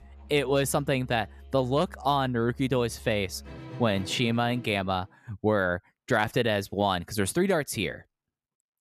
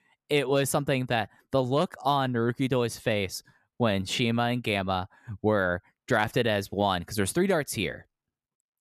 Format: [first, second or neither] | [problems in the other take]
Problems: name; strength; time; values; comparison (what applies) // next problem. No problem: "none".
second | background music; noticeable; until 4.5 s; 20 dB below the speech